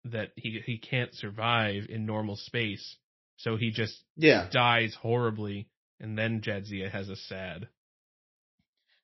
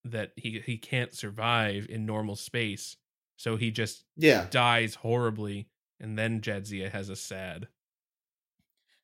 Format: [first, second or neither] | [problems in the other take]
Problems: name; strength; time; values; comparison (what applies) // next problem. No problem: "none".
second | garbled, watery; slightly; nothing above 5.5 kHz